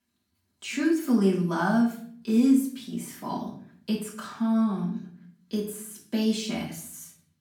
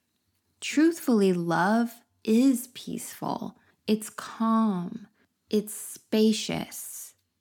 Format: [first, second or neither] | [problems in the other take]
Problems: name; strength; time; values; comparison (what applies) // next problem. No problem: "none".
second | off-mic speech; far // room echo; slight; dies away in 0.5 s